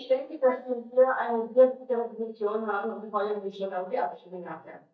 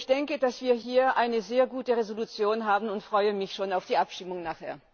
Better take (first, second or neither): second